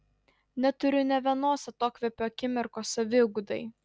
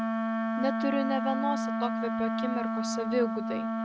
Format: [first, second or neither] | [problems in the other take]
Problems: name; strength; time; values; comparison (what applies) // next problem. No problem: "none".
first | background sound (Wind instrument, woodwind instrument); 3 dB above the speech